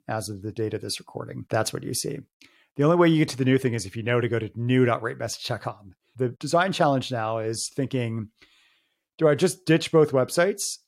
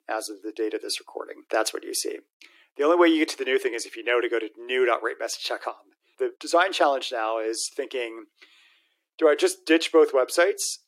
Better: first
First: none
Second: thin; very; fading below 300 Hz

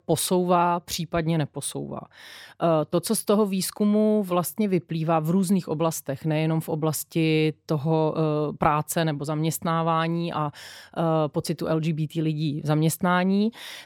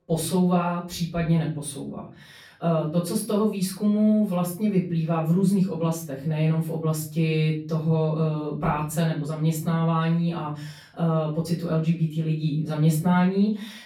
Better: first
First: none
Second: off-mic speech; far // room echo; slight; dies away in 0.4 s

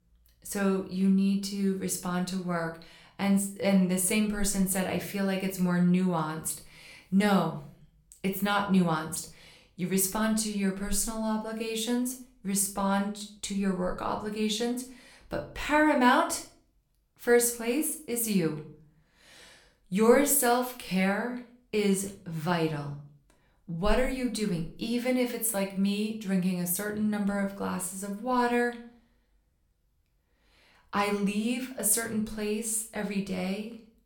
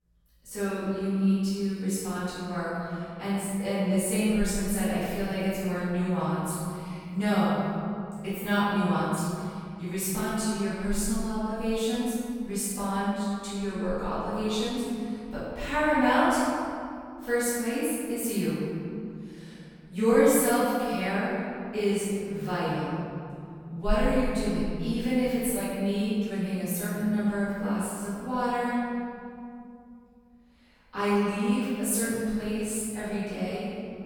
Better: first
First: room echo; slight; dies away in 0.4 s // off-mic speech; somewhat distant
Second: room echo; strong; dies away in 2.8 s // off-mic speech; far

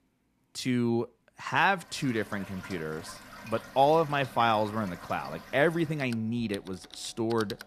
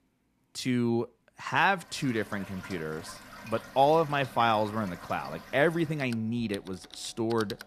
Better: neither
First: household noises; noticeable; from 2 s on; 15 dB below the speech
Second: household noises; noticeable; from 2 s on; 15 dB below the speech

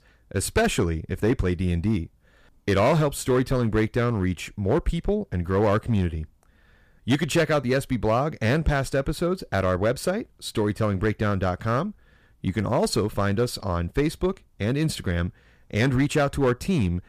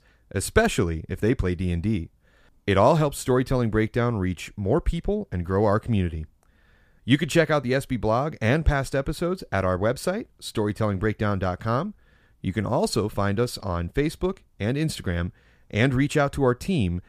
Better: second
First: distortion; slight; 4% of the sound clipped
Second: none

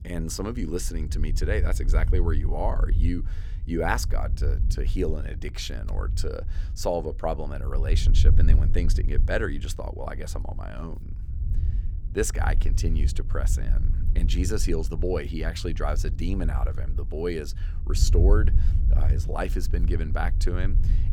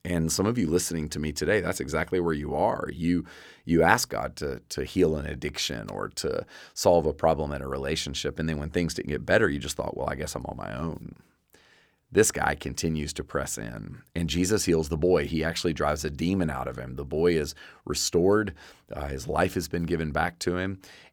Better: second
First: low rumble; noticeable; throughout; 15 dB below the speech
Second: none

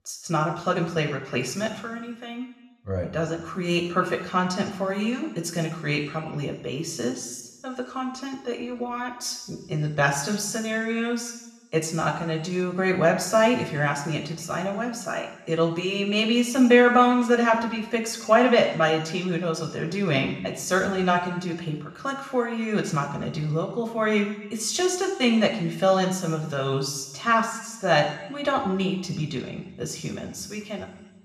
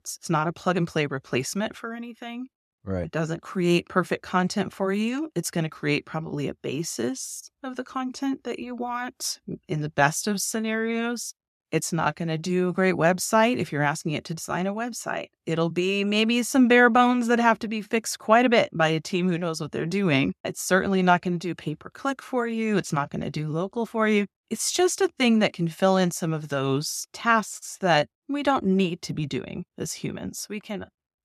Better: second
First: room echo; slight; dies away in 1 s // off-mic speech; somewhat distant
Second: none

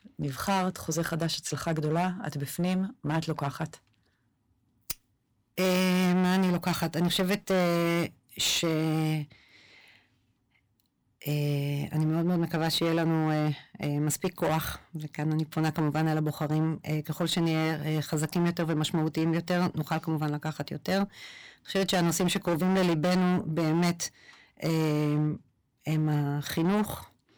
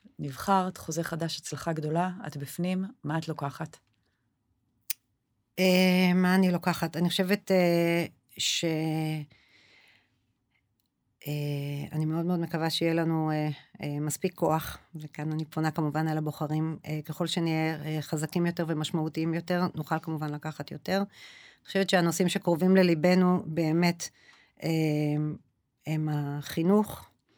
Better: second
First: distortion; heavy; 16% of the sound clipped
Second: none

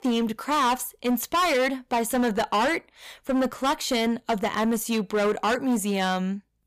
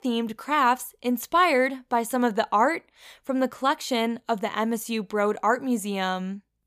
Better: second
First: distortion; heavy; 16% of the sound clipped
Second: none

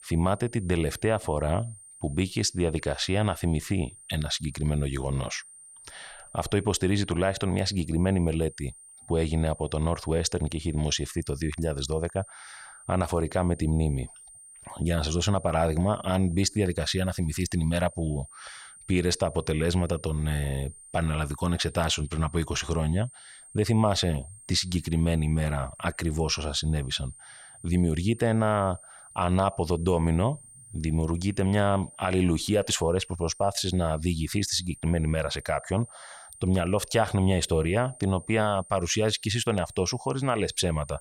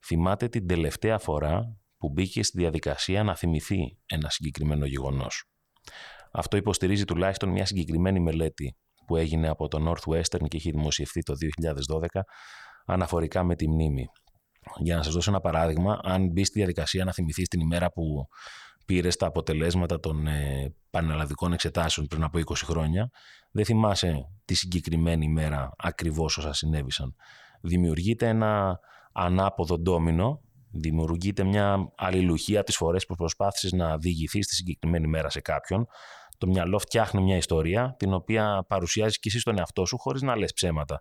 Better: second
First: high-pitched whine; noticeable; throughout; 9 kHz, 20 dB below the speech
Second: none

